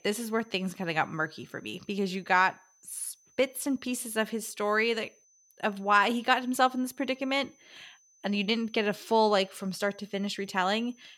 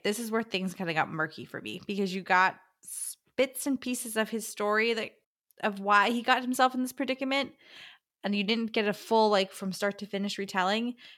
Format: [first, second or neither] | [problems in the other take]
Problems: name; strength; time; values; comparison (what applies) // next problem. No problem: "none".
second | high-pitched whine; faint; throughout; 6 kHz, 30 dB below the speech